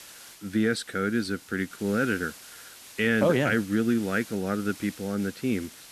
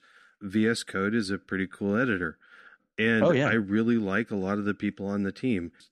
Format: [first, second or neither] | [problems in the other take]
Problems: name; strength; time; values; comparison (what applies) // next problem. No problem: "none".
second | hiss; noticeable; throughout; 20 dB below the speech